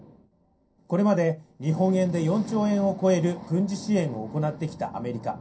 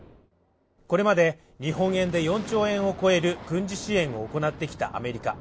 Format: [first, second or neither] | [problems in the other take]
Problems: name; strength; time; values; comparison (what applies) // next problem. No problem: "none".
second | room echo; dies away in 0.3 s